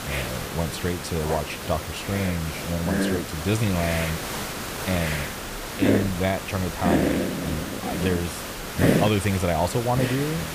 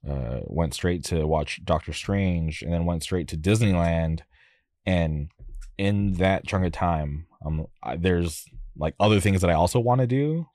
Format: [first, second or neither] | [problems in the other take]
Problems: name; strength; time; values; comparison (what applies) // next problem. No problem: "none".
second | hiss; loud; throughout; as loud as the speech